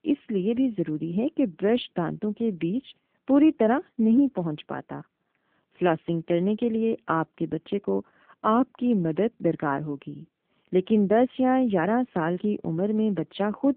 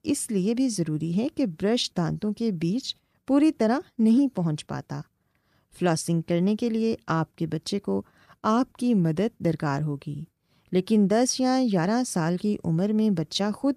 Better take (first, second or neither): second